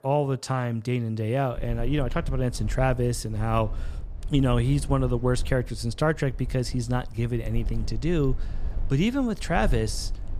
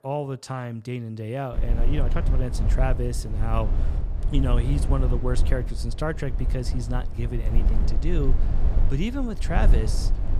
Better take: first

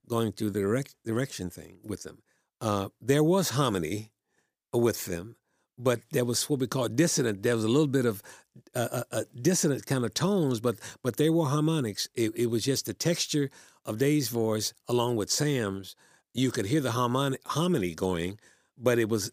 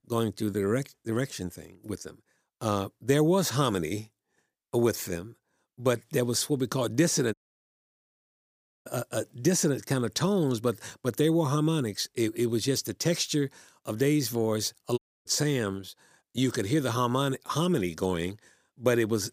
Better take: first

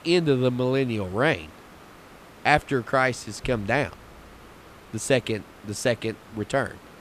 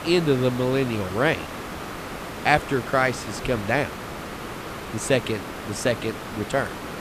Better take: first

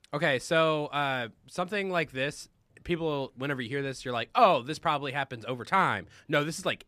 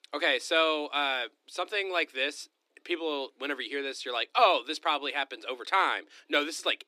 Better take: first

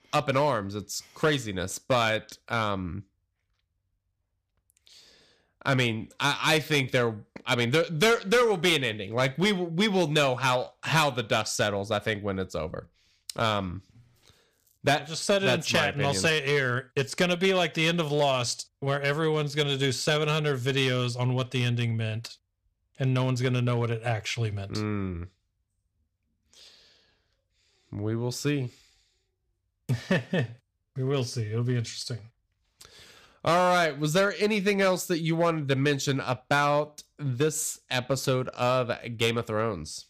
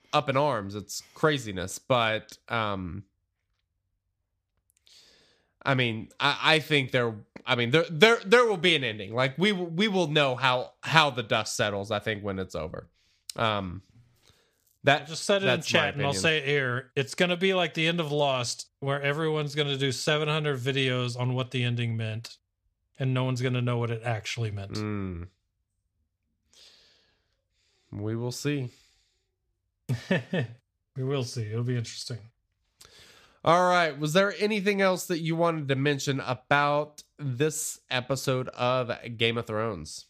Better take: second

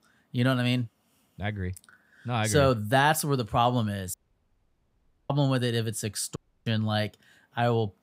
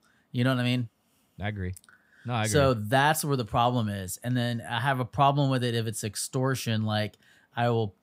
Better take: second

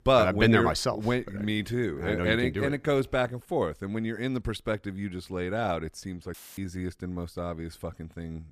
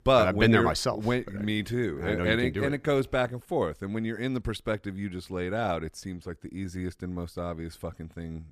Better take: second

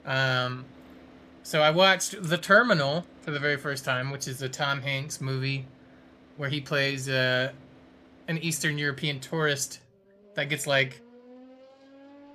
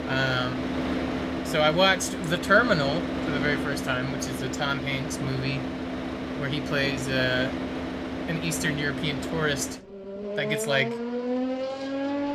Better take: first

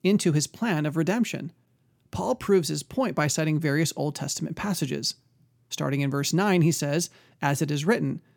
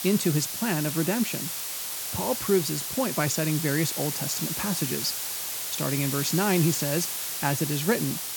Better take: first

